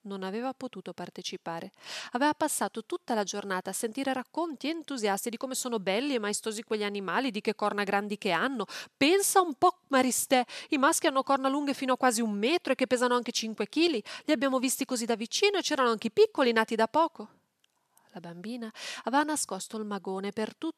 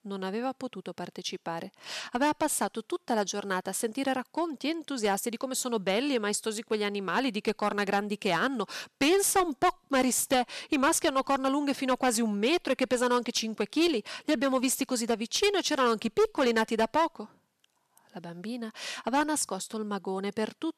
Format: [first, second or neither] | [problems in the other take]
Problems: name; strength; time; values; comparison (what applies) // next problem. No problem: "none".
first | distortion; slight; 4% of the sound clipped